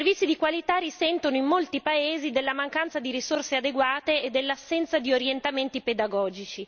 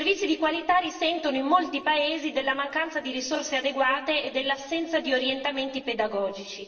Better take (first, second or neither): first